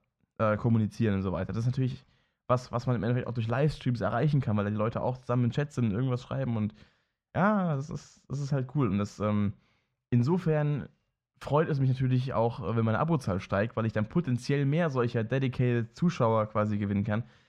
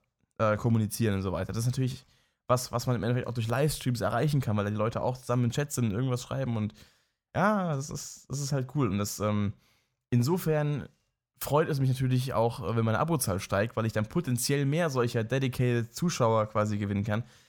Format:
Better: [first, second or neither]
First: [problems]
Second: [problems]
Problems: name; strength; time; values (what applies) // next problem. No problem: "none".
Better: second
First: muffled; slightly; fading above 3 kHz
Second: none